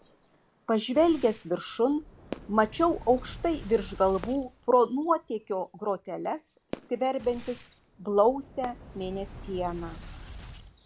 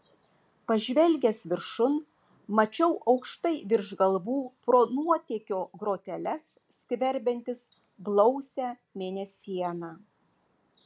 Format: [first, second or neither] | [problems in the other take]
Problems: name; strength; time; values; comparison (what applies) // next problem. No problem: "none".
second | background sound (Fireworks + Boom); 16 dB below the speech